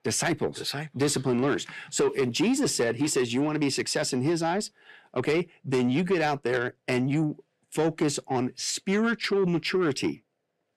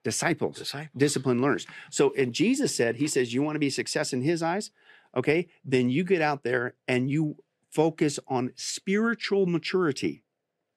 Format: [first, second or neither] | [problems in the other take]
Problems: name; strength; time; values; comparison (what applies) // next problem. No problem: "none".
second | distortion; slight; 10 dB below the speech